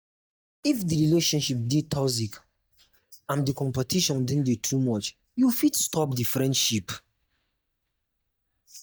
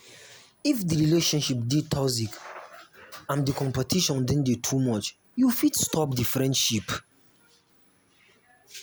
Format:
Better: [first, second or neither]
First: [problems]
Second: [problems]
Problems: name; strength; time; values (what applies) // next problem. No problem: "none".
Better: second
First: noise reduction (neural mask model DeepFilterNet 3)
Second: none